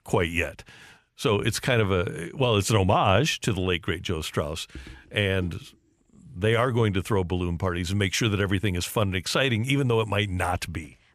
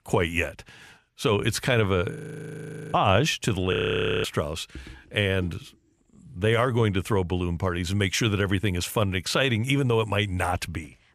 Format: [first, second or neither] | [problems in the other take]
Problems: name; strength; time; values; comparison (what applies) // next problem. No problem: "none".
first | audio freezing; at 2 s for 1 s and at 3.5 s for 0.5 s